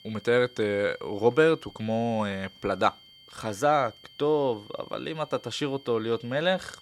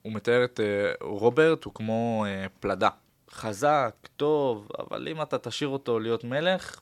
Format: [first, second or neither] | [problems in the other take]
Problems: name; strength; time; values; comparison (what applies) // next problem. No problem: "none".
second | high-pitched whine; faint; throughout; 3 kHz, 25 dB below the speech